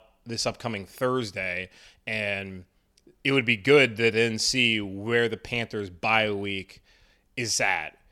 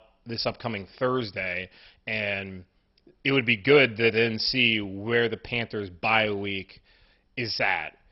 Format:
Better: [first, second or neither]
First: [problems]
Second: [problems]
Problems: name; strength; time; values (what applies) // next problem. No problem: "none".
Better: first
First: none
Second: garbled, watery; badly; nothing above 5.5 kHz